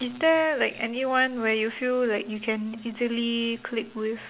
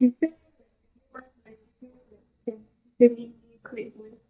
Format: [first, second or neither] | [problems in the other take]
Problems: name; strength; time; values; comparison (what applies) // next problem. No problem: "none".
first | noise reduction (neural mask model DeepFilterNet 3)